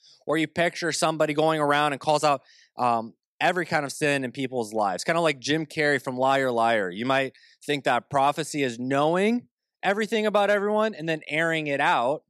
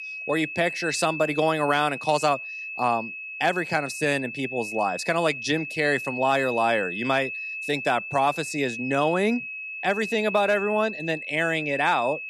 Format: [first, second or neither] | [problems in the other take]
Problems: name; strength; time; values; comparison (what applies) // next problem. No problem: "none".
first | high-pitched whine; loud; throughout; 2.5 kHz, 7 dB below the speech